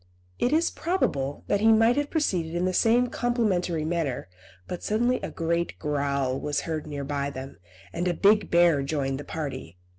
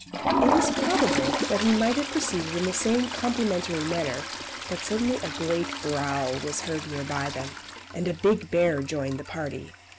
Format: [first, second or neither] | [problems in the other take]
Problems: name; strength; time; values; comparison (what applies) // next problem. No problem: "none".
first | background sound (Toilet flush); 3 dB below the speech